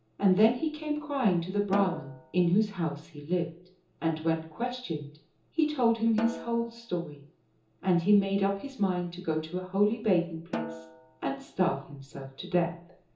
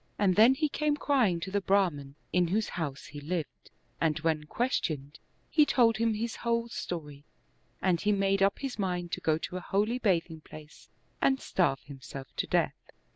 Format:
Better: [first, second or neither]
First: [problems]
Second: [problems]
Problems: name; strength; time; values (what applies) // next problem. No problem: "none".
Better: second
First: background sound (Snare drum); 12 dB below the speech // room echo; dies away in 0.6 s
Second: none